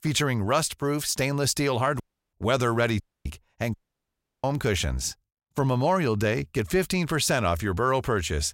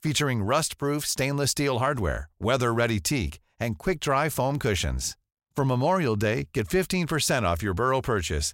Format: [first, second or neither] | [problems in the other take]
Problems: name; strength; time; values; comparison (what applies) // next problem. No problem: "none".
second | audio cutting out; at 2 s, at 3 s and at 3.5 s for 0.5 s